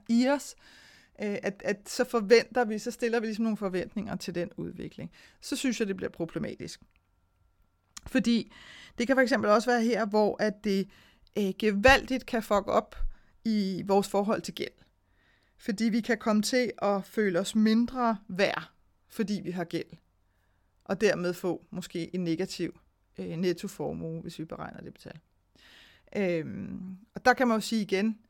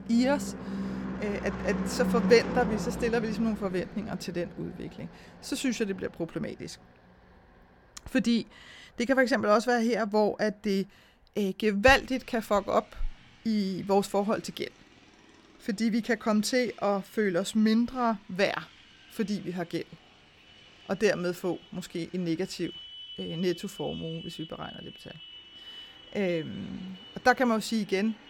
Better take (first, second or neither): first